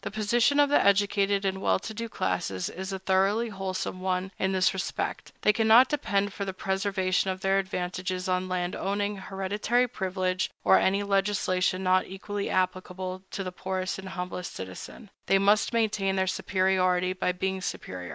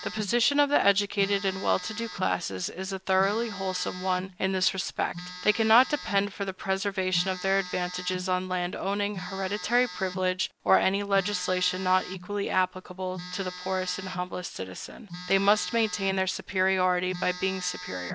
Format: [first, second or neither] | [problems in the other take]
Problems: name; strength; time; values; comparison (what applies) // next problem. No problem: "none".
first | background sound (Telephone); 14 dB below the speech